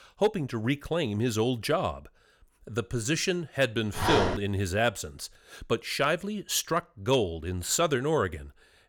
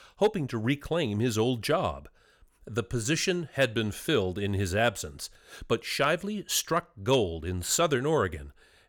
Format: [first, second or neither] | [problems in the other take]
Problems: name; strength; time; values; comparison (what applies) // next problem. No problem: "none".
second | dog barking; loud; at 4 s; peak 2 dB above the speech